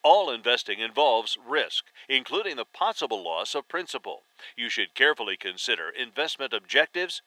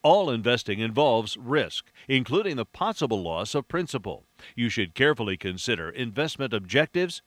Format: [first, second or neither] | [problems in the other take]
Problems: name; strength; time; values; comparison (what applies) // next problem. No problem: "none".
second | thin; very; fading below 400 Hz